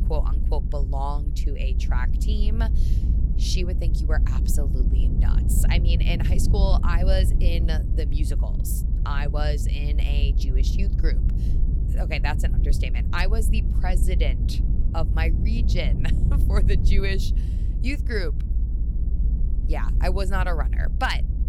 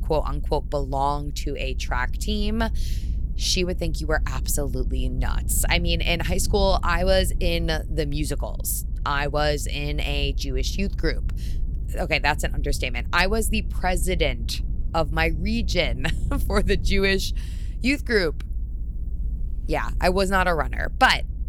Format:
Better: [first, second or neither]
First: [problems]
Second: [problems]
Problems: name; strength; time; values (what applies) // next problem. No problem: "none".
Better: second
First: low rumble; loud; throughout; 9 dB below the speech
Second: low rumble; faint; throughout; 25 dB below the speech